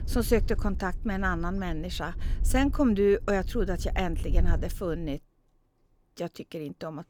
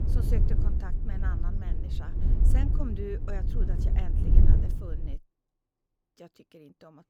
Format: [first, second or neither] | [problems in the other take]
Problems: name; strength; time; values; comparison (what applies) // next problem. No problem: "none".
first | wind noise on the microphone; heavy; until 5 s; 1 dB above the speech; occasional gusts in the first